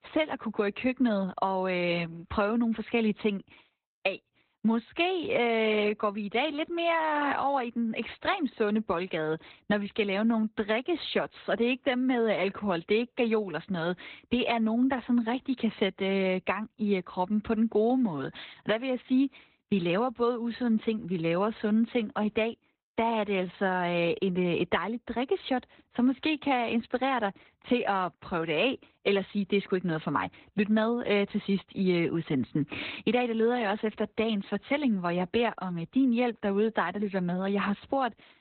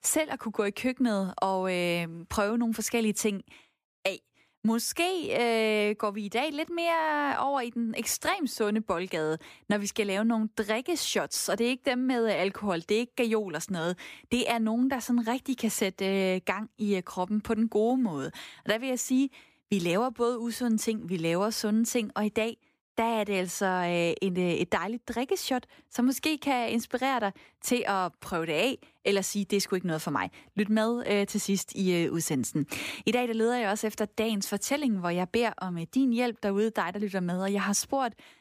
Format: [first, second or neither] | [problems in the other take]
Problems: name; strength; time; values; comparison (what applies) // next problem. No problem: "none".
second | garbled, watery; badly; nothing above 4 kHz